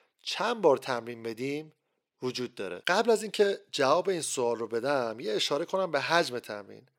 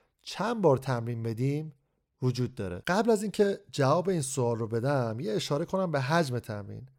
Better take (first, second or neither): second